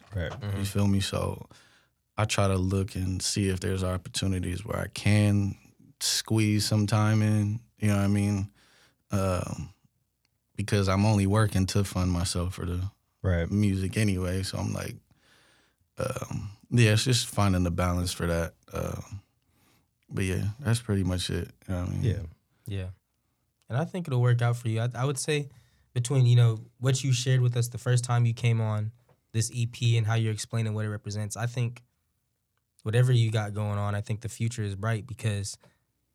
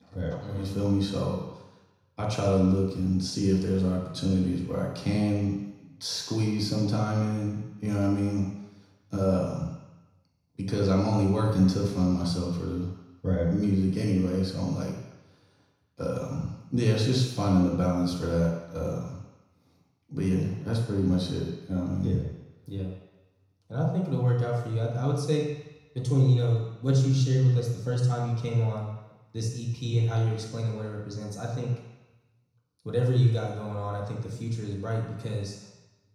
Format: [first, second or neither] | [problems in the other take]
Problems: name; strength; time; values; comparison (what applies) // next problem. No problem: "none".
first | room echo; noticeable; dies away in 1 s // off-mic speech; far